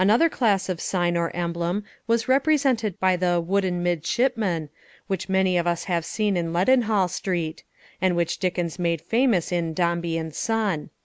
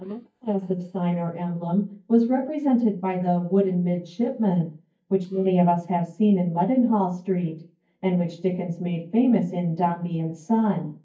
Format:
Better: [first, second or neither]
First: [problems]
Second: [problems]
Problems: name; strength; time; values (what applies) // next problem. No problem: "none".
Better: first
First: none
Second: noise reduction (neural mask model DeepFilterNet 3)